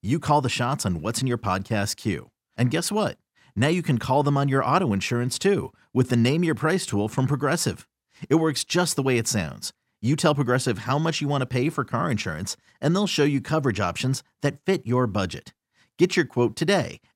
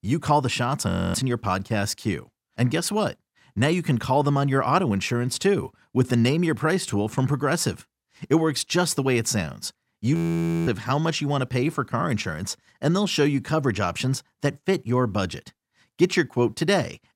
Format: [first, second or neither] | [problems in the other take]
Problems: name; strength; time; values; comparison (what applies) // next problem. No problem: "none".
first | audio freezing; at 1 s and at 10 s for 0.5 s